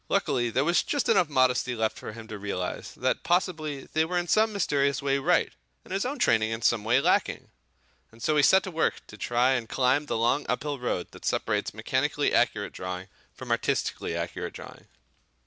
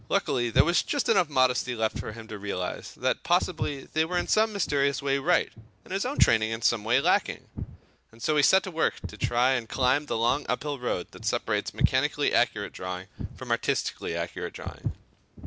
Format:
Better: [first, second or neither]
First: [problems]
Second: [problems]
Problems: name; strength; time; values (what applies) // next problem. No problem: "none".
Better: first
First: none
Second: background sound (Walk, footsteps); 7 dB below the speech